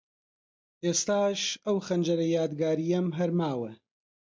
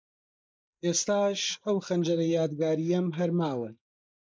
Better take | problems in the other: first | noise reduction (neural mask model Resemble Enhance denoiser)

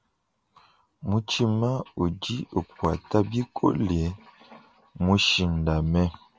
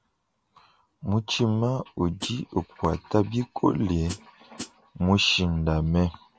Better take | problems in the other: first | background sound (Hi-hat); 14 dB below the speech

